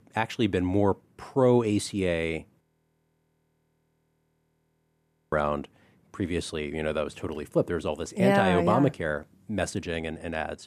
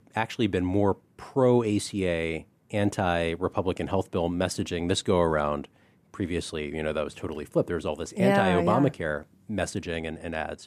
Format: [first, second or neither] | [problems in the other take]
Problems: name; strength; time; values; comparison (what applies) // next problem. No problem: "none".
second | audio freezing; at 2.5 s for 2.5 s